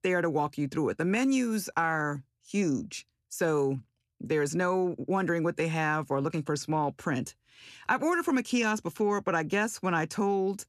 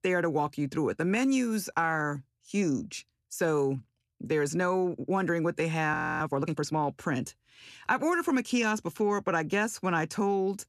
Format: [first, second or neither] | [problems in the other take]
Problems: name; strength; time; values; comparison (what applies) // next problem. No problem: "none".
first | audio freezing; at 6 s